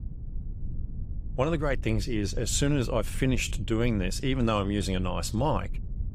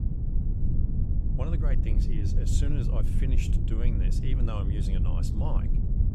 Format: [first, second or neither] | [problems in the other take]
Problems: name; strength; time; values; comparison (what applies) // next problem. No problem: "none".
first | low rumble; loud; throughout; 1 dB below the speech; faint in the first